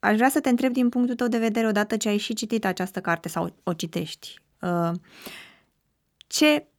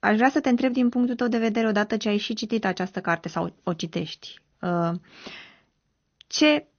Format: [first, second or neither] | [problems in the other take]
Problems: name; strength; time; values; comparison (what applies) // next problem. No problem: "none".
first | garbled, watery; slightly; nothing above 6.5 kHz